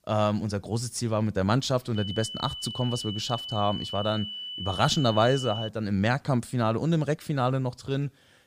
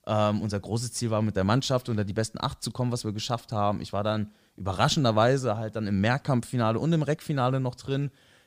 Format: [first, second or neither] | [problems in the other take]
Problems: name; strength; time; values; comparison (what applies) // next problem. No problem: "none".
second | high-pitched whine; loud; from 2 to 5.5 s; 3 kHz, 7 dB below the speech